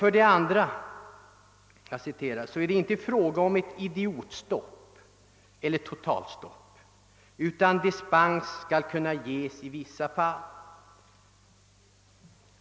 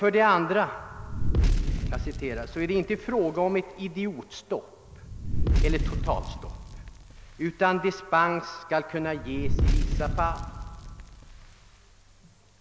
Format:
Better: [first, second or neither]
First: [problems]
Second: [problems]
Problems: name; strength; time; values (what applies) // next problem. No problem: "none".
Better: first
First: none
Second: background sound (Fire); as loud as the speech